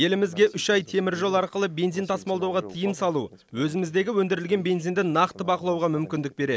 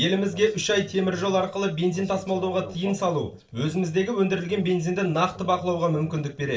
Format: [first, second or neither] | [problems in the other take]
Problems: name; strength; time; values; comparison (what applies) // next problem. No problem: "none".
first | room echo; dies away in 0.3 s